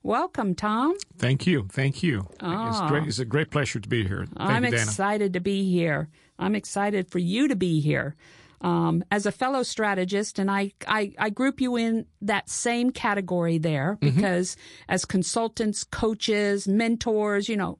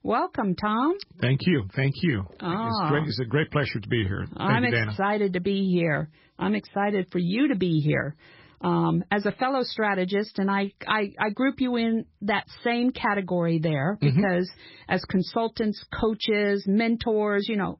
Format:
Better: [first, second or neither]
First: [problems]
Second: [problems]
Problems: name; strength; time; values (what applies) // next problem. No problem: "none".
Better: first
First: garbled, watery; slightly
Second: garbled, watery; badly; nothing above 5.5 kHz